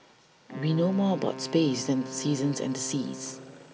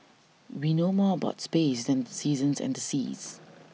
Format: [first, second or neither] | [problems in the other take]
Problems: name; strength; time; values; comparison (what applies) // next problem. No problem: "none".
second | background sound (Wind instrument, woodwind instrument); 12 dB below the speech // room echo; dies away in 1 s